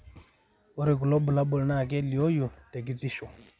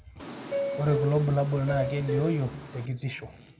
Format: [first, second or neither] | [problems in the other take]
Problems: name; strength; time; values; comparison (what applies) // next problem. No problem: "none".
first | background sound (Subway, metro, underground); 4 dB below the speech // room echo; dies away in 0.9 s